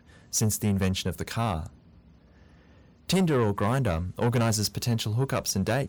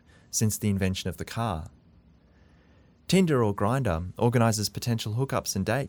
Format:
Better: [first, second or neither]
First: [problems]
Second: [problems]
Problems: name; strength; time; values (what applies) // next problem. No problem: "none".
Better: second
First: distortion; slight; 10 dB below the speech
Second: none